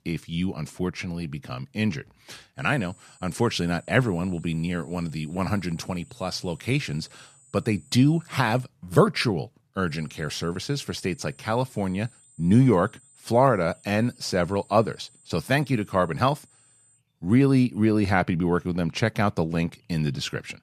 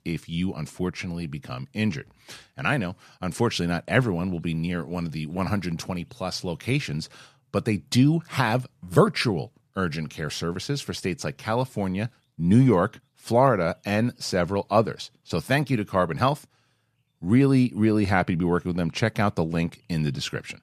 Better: second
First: high-pitched whine; faint; from 2.5 to 8.5 s and from 10 to 17 s; 8 kHz, 30 dB below the speech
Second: none

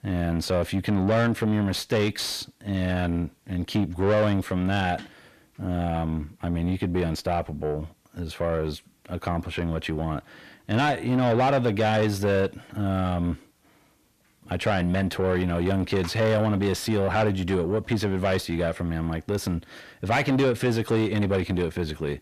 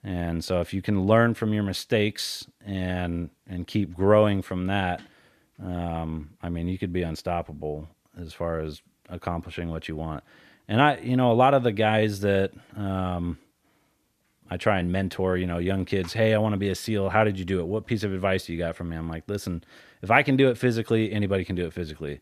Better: second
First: distortion; heavy; 7 dB below the speech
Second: none

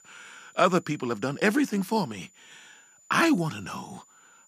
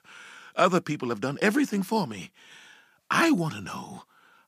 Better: second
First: high-pitched whine; faint; throughout; 7 kHz, 30 dB below the speech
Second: none

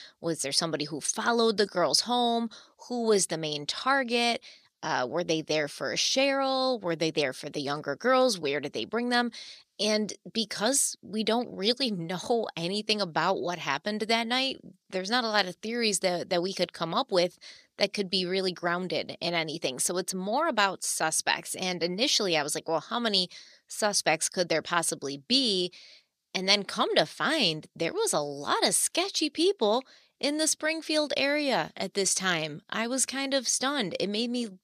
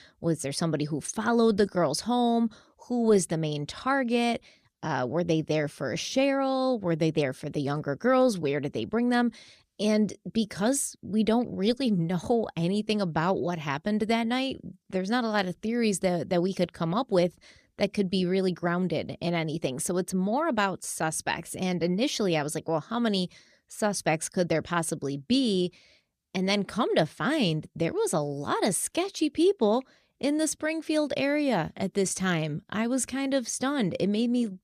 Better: second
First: thin; very slightly; fading below 1 kHz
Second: none

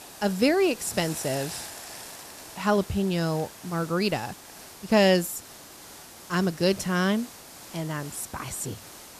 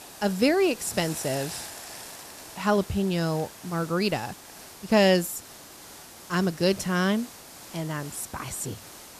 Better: neither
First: hiss; noticeable; throughout; 15 dB below the speech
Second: hiss; noticeable; throughout; 15 dB below the speech

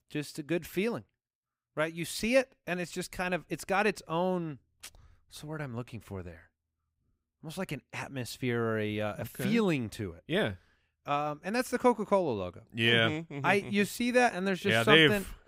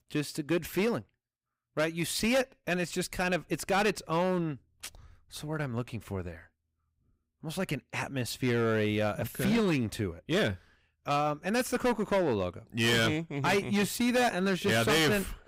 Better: first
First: none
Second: distortion; heavy; 9% of the sound clipped

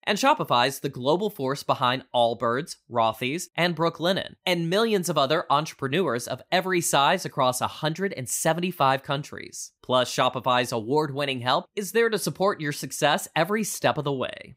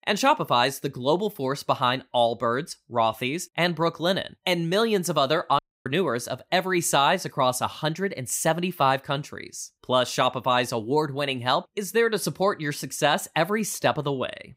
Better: first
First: none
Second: audio cutting out; at 5.5 s

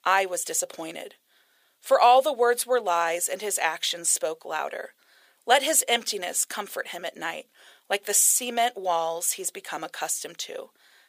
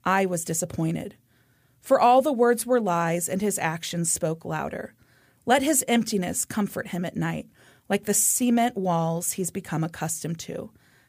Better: second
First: thin; very; fading below 500 Hz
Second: none

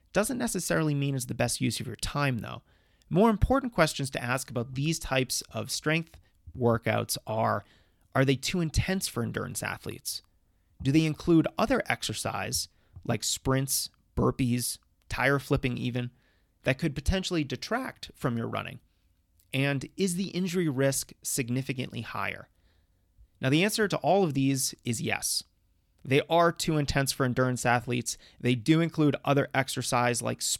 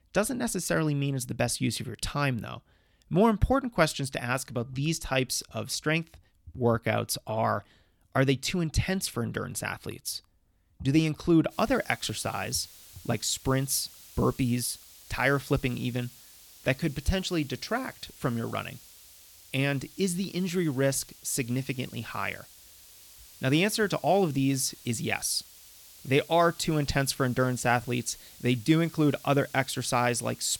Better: first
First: none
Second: hiss; faint; from 12 s on; 20 dB below the speech

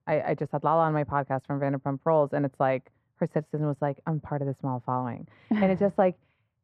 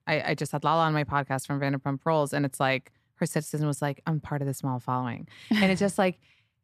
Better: second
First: muffled; very; fading above 3.5 kHz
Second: none

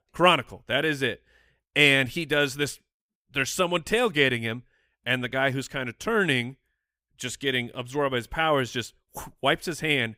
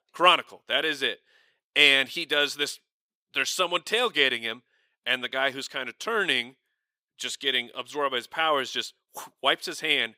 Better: first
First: none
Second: thin; somewhat; fading below 350 Hz

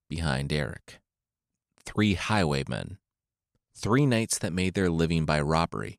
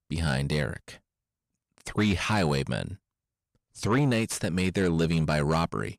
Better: first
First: none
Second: distortion; slight; 10 dB below the speech

